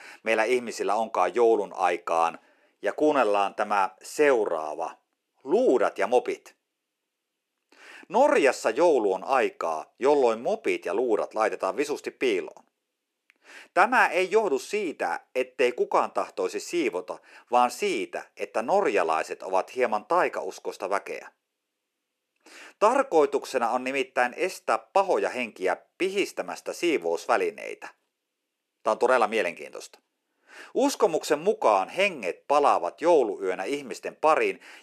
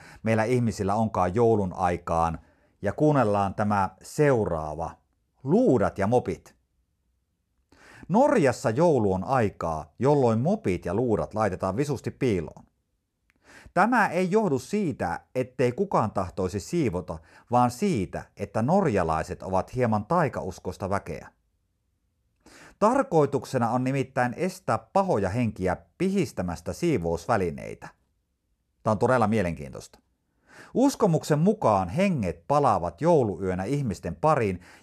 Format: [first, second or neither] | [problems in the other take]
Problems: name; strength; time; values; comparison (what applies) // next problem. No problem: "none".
second | thin; somewhat; fading below 350 Hz